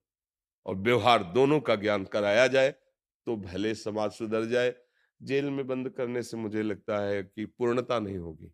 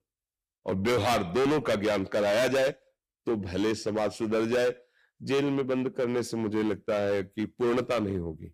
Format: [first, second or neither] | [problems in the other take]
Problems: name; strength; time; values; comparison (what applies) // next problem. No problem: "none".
first | distortion; heavy; 14% of the sound clipped